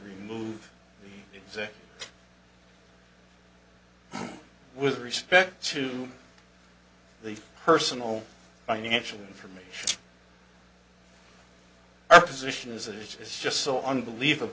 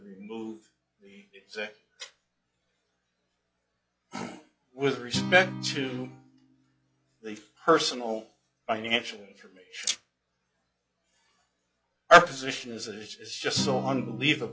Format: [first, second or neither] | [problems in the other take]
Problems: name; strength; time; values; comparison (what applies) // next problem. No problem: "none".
first | noise reduction (classical method log-MMSE)